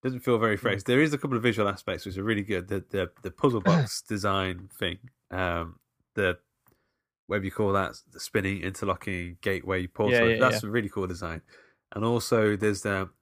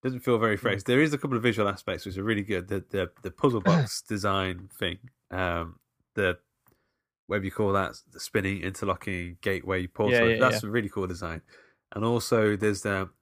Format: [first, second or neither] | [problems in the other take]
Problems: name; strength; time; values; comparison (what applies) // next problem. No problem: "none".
neither | none